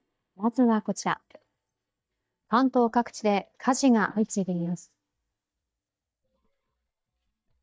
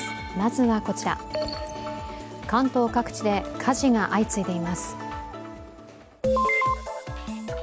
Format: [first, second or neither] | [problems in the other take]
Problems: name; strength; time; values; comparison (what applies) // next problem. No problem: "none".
second | noise reduction (neural mask model DeepFilterNet 3)